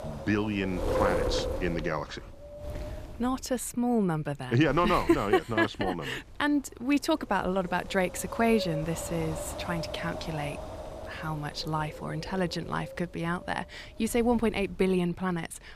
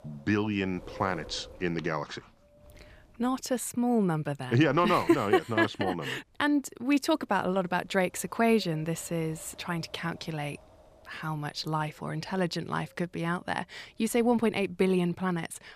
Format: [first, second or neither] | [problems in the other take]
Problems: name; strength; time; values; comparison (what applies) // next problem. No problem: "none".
second | wind noise on the microphone; heavy; 7 dB below the speech; occasional gusts in the second